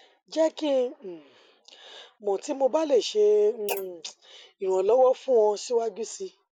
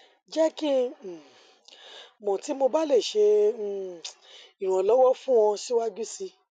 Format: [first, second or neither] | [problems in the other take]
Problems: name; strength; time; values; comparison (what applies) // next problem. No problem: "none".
second | noise reduction (neural mask model Resemble Enhance denoiser)